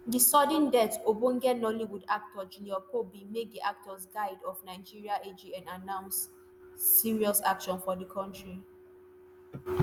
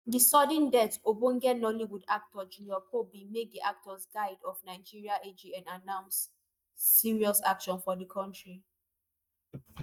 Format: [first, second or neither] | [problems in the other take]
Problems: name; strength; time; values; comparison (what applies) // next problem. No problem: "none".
first | noise reduction (neural mask model DeepFilterNet 3)